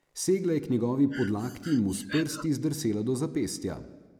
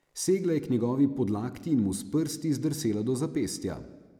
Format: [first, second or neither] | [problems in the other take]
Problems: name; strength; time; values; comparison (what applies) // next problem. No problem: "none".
second | background sound (Breathing); 14 dB below the speech